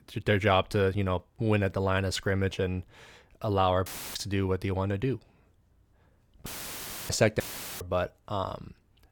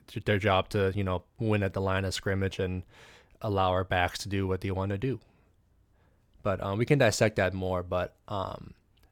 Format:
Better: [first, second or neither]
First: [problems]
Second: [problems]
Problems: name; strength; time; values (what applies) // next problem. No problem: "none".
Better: second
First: audio cutting out; filled with static; at 4 s, at 6.5 s for 0.5 s and at 7.5 s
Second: none